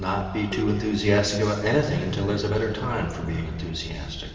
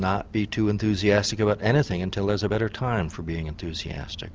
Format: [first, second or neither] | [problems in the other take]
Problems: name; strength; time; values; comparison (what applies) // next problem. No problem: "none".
second | background sound (Dishes, pots, and pans); 18 dB below the speech // room echo; dies away in 2.5 s